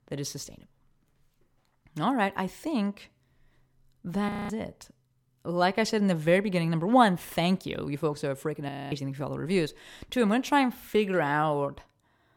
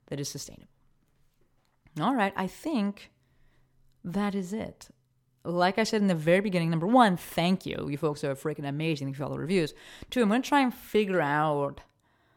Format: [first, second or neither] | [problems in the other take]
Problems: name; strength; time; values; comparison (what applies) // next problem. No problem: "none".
second | audio freezing; at 4.5 s and at 8.5 s